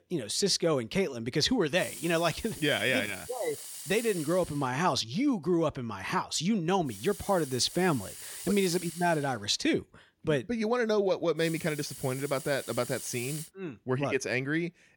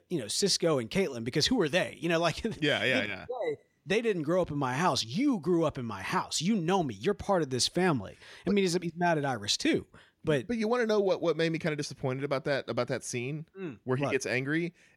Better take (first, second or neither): second